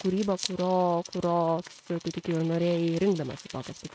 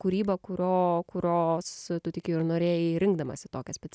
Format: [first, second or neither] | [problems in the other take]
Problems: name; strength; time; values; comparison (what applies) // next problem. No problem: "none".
second | noise reduction (neural mask model RNNoise)